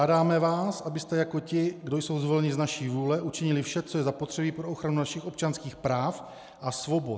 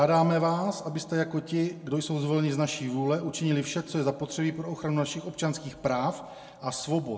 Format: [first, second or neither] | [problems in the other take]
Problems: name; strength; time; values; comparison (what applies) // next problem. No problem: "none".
first | room echo; dies away in 0.8 s